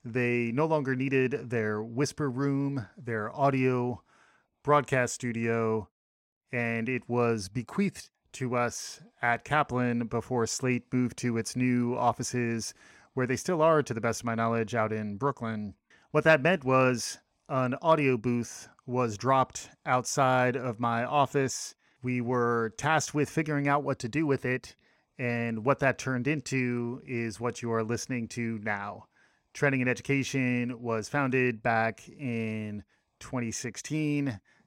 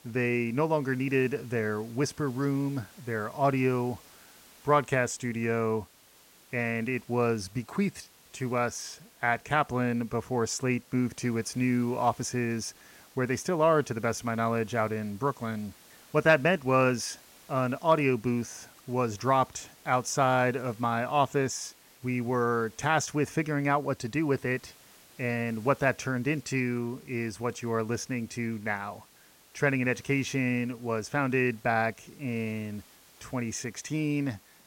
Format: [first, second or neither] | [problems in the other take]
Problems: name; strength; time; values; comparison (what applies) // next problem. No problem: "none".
first | hiss; faint; throughout; 25 dB below the speech